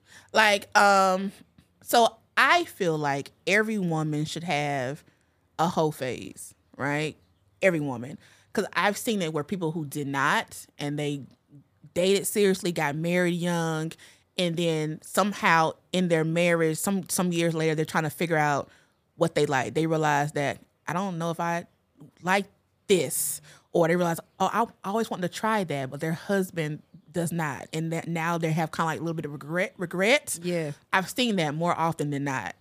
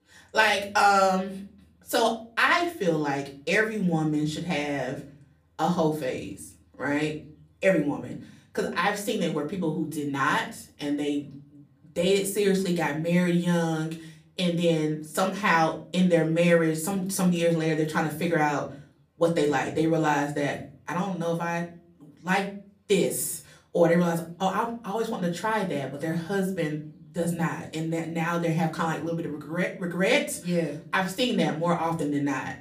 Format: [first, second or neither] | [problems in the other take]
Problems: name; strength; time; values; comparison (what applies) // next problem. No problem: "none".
first | off-mic speech; far // room echo; very slight; dies away in 0.4 s